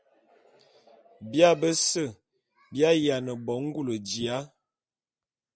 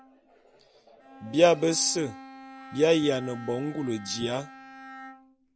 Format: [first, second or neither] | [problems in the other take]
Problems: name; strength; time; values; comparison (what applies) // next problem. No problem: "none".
first | background sound (Bowed string instrument); 18 dB below the speech